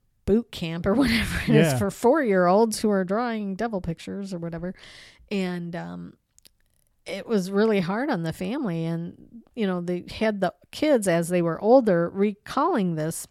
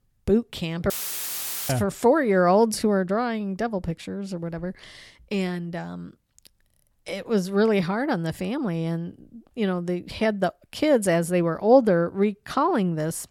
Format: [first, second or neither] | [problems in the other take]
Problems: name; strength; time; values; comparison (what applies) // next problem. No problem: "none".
first | audio cutting out; filled with static; at 1 s for 1 s